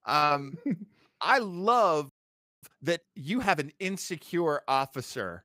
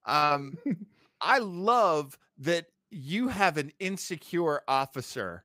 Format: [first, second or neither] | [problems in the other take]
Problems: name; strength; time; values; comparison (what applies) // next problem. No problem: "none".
second | audio freezing; at 2 s for 0.5 s